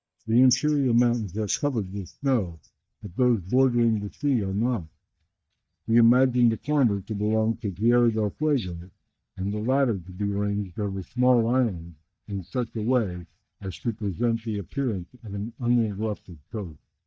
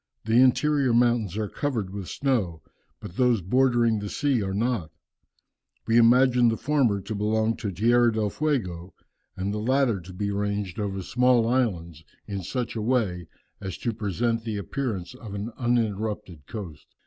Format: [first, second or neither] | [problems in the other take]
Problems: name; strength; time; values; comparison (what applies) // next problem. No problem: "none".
second | noise reduction (neural mask model DeepFilterNet 3)